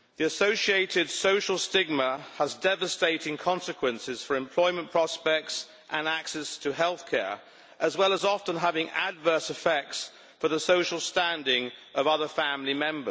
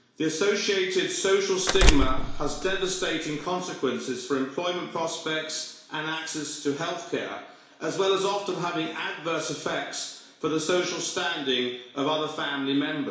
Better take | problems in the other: first | background sound (Door); 5 dB above the speech // room echo; dies away in 0.7 s

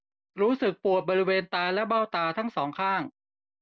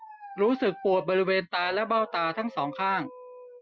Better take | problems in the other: first | noise reduction (classical method Wiener filter)

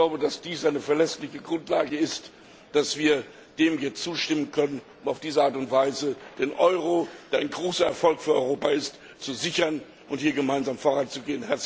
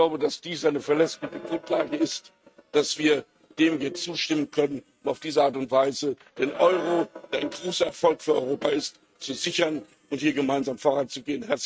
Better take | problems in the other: first | noise reduction (neural mask model RNNoise)

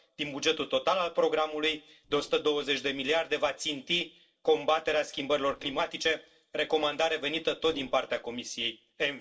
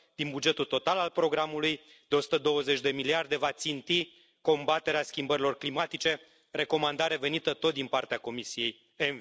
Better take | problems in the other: second | noise reduction (neural separator model SepFormer DNS4)

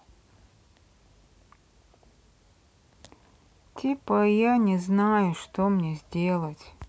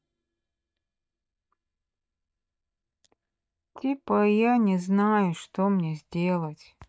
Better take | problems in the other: first | noise reduction (neural mask model DeepFilterNet 3)

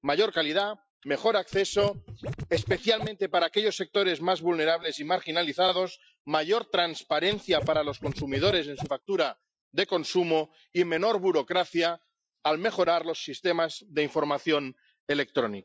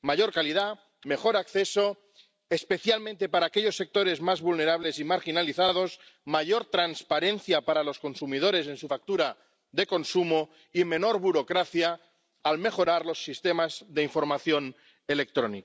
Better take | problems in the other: second | noise reduction (classical method Wiener filter)

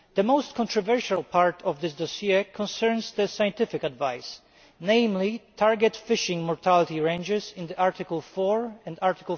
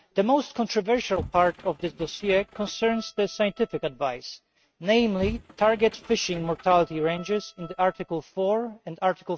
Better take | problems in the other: first | noise reduction (neural mask model RNNoise)

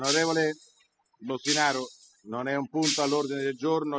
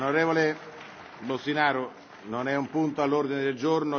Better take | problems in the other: second | noise reduction (classical method spectral subtraction)

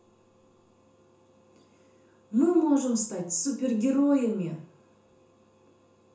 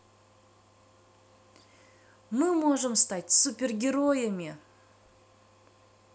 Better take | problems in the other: second | room echo; dies away in 0.6 s

